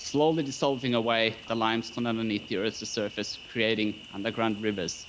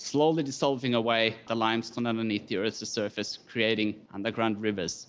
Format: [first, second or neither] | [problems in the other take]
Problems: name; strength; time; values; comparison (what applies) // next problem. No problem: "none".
second | background sound (Cricket); 18 dB below the speech